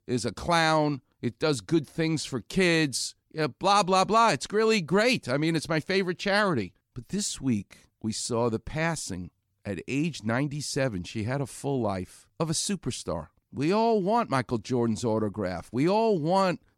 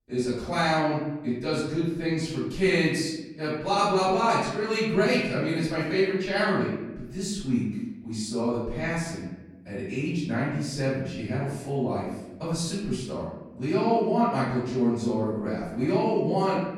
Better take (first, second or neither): first